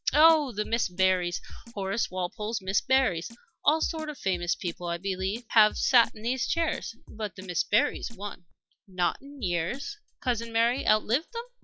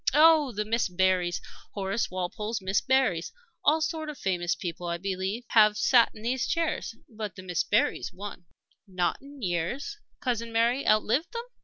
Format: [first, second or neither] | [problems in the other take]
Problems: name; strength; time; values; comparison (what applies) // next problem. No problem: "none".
second | noise reduction (classical method log-MMSE)